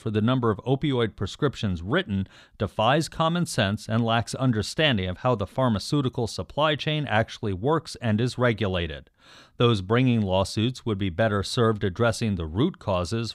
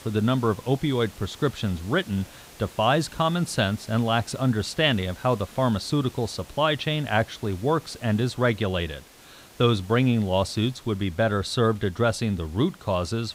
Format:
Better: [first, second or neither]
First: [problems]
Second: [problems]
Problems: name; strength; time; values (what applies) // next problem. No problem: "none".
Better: first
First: none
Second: hiss; faint; throughout; 20 dB below the speech